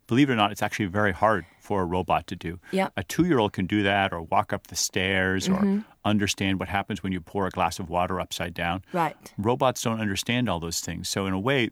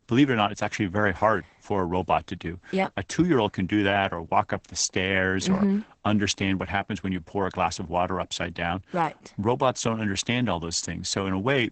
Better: first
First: none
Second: garbled, watery; badly; nothing above 8 kHz

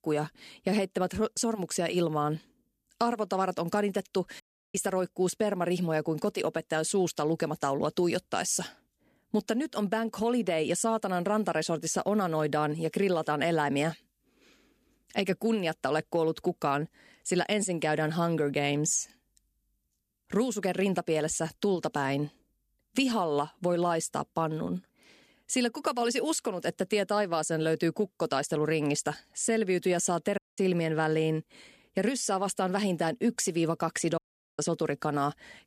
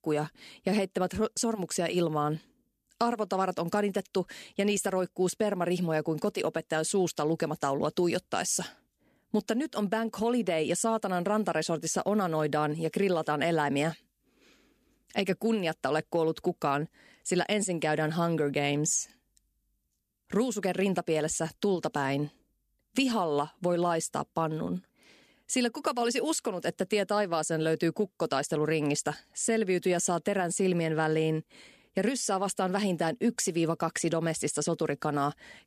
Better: second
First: audio cutting out; at 4.5 s, at 30 s and at 34 s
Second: none

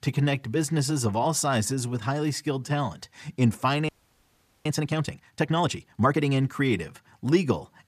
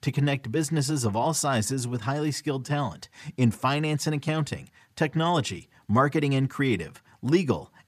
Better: second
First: audio freezing; at 4 s for 1 s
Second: none

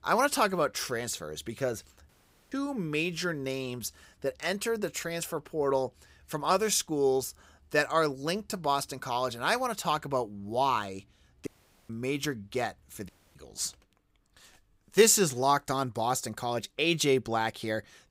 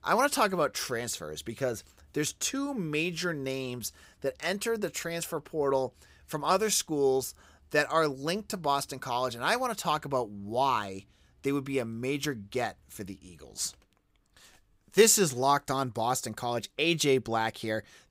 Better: second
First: audio cutting out; at 2 s, at 11 s and at 13 s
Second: none

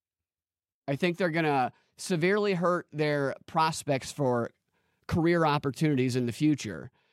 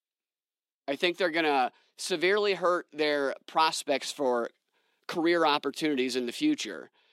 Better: first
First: none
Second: thin; somewhat; fading below 300 Hz

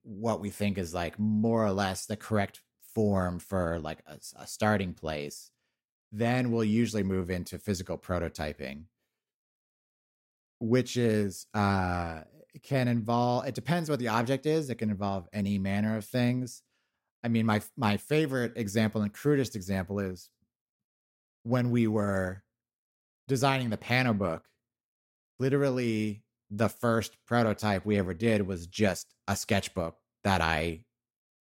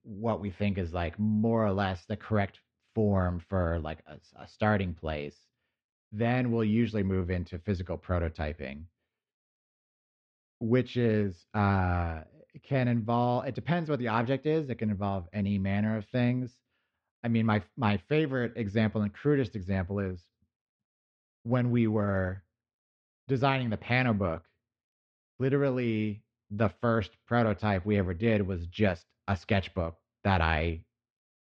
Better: first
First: none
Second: muffled; slightly; fading above 3.5 kHz

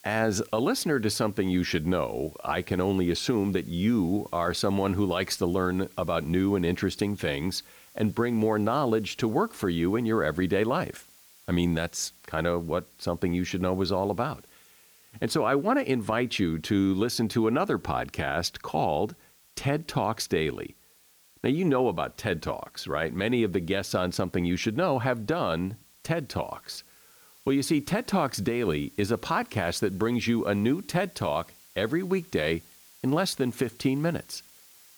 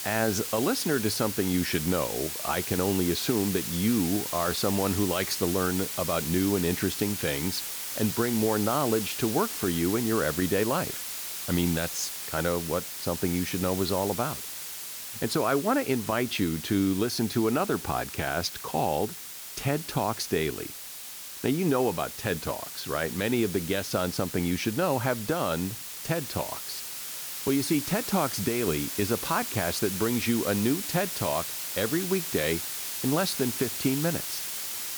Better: first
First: hiss; faint; throughout; 25 dB below the speech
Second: hiss; loud; throughout; 5 dB below the speech

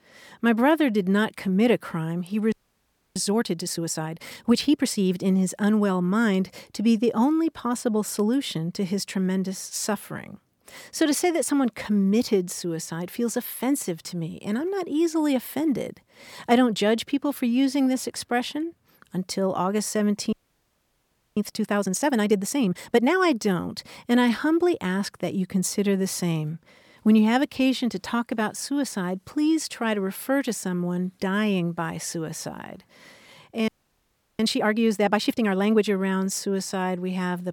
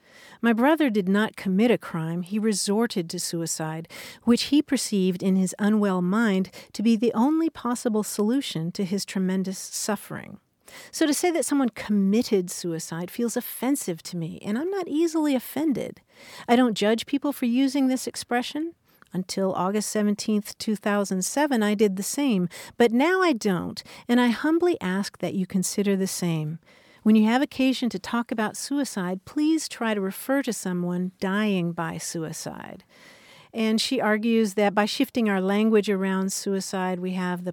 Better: second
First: audio freezing; at 2.5 s for 0.5 s, at 20 s for 1 s and at 34 s for 0.5 s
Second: none

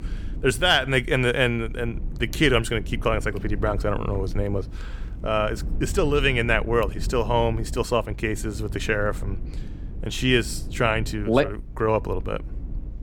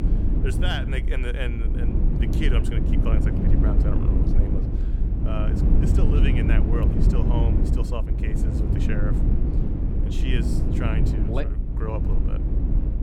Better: first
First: low rumble; faint; throughout; 20 dB below the speech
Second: low rumble; loud; throughout; as loud as the speech

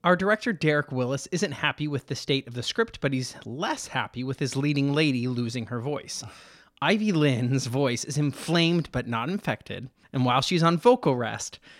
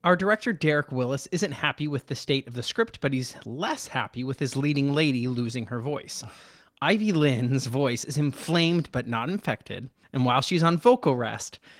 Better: first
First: none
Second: garbled, watery; slightly; nothing above 16 kHz

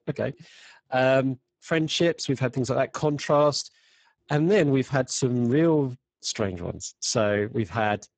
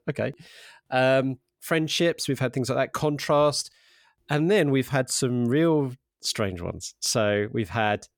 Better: second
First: garbled, watery; badly; nothing above 7.5 kHz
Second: none

